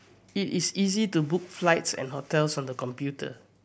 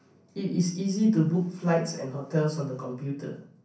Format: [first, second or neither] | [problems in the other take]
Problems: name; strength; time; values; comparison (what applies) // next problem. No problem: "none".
first | room echo; dies away in 0.6 s